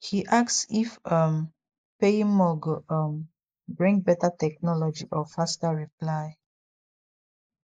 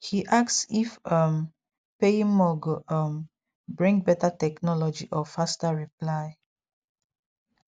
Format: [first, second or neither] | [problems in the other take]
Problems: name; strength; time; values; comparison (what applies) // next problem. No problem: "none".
second | noise reduction (neural mask model Resemble Enhance denoiser)